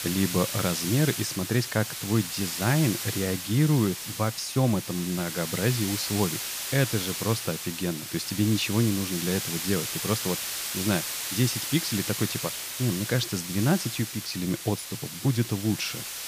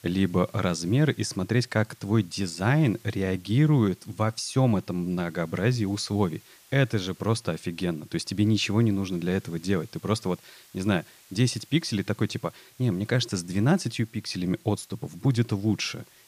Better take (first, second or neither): second